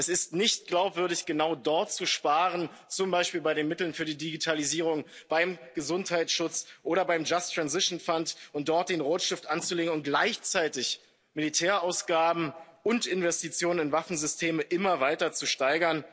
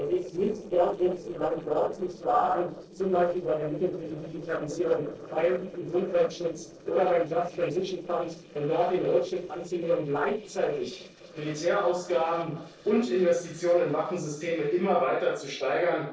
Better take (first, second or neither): first